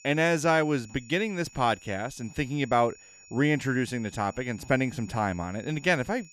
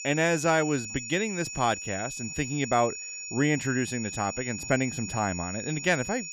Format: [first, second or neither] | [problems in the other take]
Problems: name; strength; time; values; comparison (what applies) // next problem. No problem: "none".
first | high-pitched whine; loud; throughout; 7 kHz, 7 dB below the speech; faint in the first